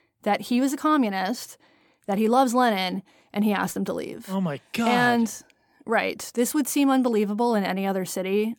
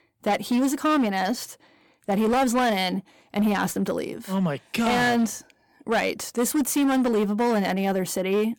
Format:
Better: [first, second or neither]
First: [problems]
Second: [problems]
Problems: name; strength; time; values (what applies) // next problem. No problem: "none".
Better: first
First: none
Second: distortion; slight; 12% of the sound clipped